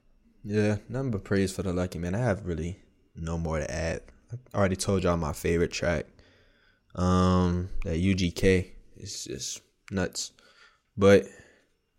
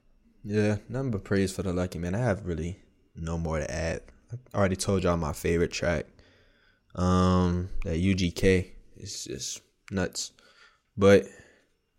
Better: neither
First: none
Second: none

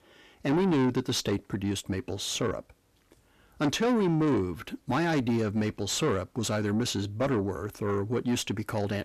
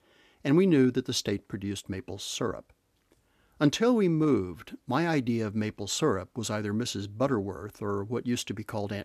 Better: second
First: distortion; heavy; 8 dB below the speech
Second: none

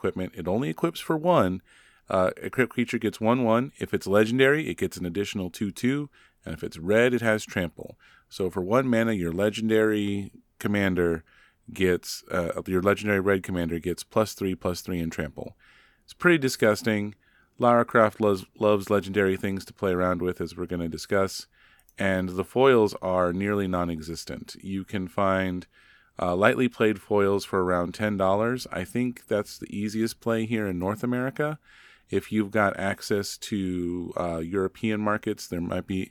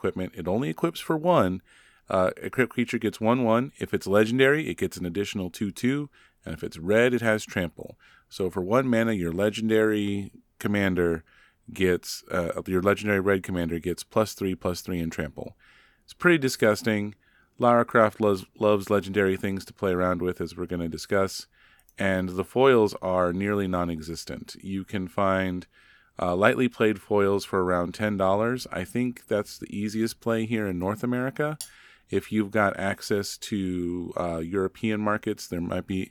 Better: first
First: none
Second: clattering dishes; faint; at 32 s; peak 15 dB below the speech

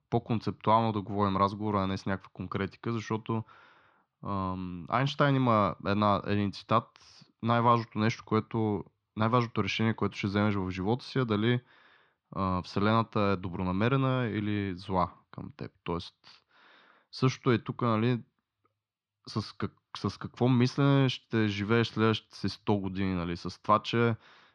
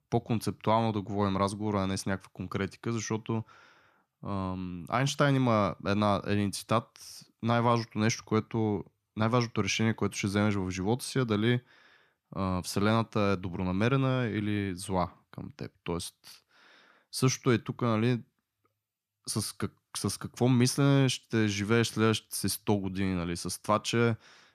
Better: second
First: muffled; slightly; fading above 4 kHz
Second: none

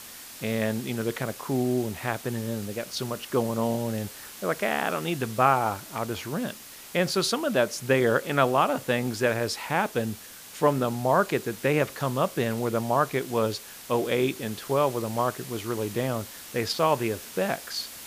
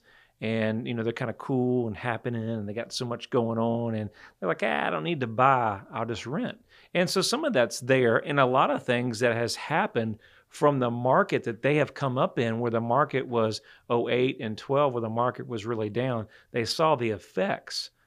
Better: second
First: hiss; noticeable; throughout; 15 dB below the speech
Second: none

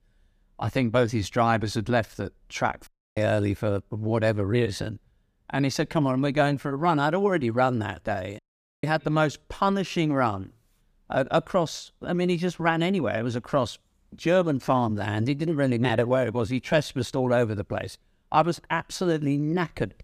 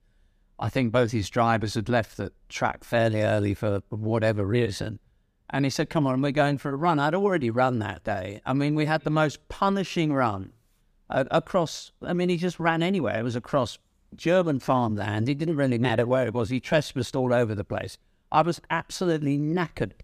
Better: second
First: audio cutting out; at 3 s and at 8.5 s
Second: none

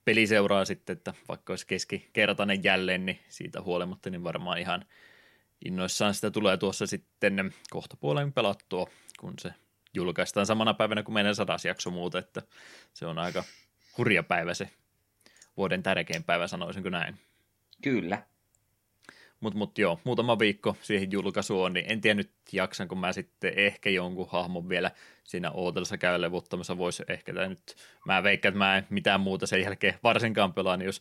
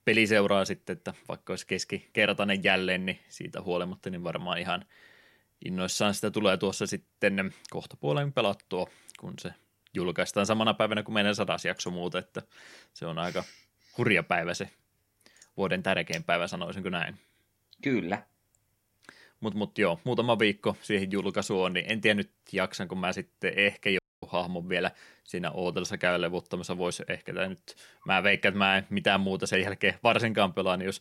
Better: first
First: none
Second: audio cutting out; at 24 s

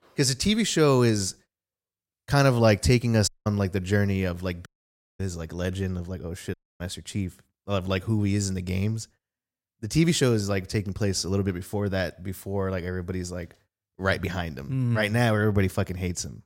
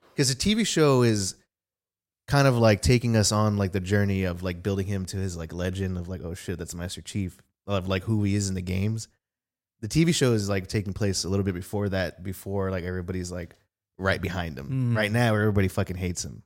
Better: second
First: audio cutting out; at 3.5 s, at 4.5 s for 0.5 s and at 6.5 s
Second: none

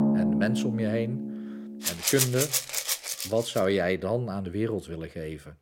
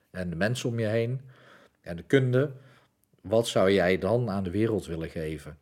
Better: second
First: background music; very loud; until 3.5 s; 1 dB above the speech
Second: none

